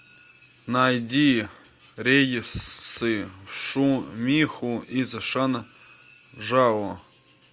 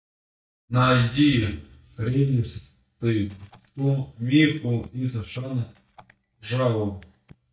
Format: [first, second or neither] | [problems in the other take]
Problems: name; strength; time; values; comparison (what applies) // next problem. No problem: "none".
first | noise reduction (neural mask model DeepFilterNet 3)